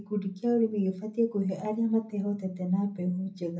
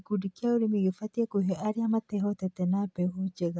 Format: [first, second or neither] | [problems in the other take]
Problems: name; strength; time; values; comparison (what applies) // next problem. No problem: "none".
second | room echo; dies away in 0.3 s